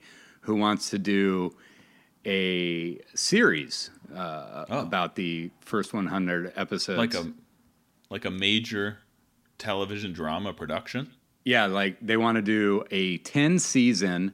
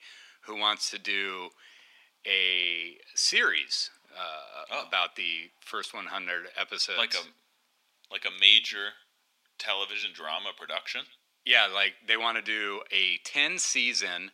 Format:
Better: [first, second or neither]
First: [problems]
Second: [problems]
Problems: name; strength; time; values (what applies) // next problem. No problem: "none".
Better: first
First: none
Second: thin; very; fading below 750 Hz